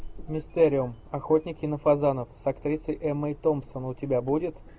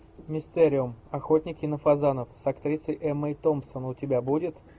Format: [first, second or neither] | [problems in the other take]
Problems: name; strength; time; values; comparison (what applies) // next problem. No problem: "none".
second | background sound (Engine starting / Car); 18 dB below the speech